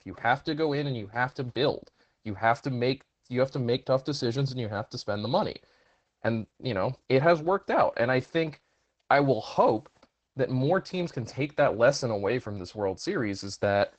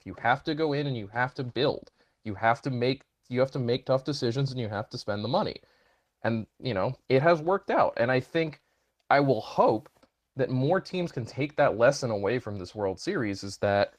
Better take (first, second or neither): second